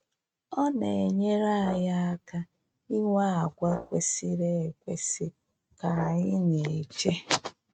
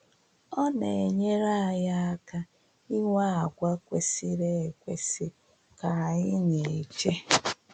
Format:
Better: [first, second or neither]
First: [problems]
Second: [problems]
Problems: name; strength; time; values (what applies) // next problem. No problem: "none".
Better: second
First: noise reduction (neural mask model RNNoise)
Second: none